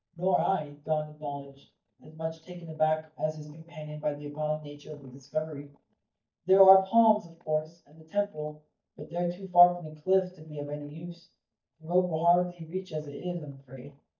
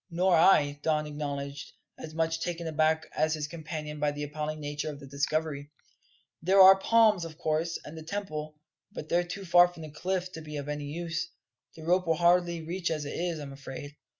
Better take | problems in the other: second | noise reduction (neural mask model DeepFilterNet 3)

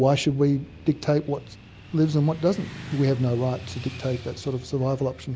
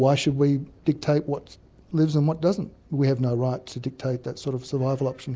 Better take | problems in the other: second | background sound (Motorcycle / Traffic noise, roadway noise); 16 dB below the speech

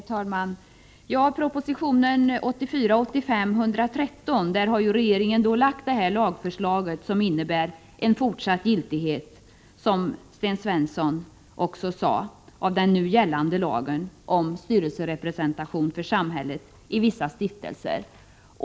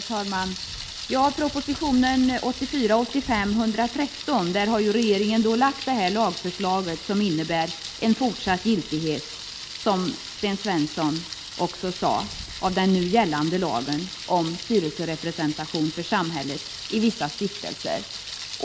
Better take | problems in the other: first | background sound (Thunder); 11 dB below the speech

